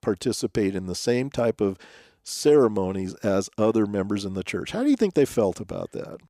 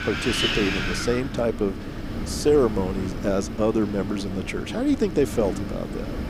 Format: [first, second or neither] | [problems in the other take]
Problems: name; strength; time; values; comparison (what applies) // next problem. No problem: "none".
first | wind noise on the microphone; heavy; 4 dB below the speech